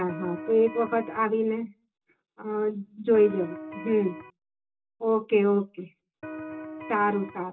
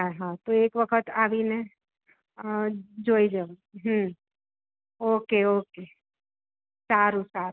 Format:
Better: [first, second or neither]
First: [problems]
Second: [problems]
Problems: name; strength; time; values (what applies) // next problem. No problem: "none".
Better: second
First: background sound (Electric guitar); 11 dB below the speech // room echo; dies away in 0.2 s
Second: none